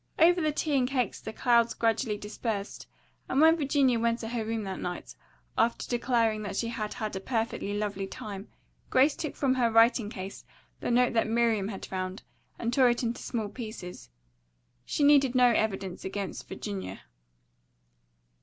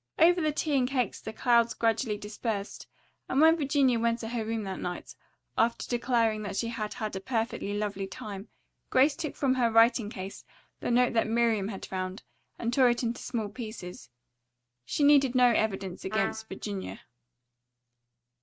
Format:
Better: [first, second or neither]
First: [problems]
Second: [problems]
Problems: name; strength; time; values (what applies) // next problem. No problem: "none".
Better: first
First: none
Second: noise reduction (neural mask model RNNoise)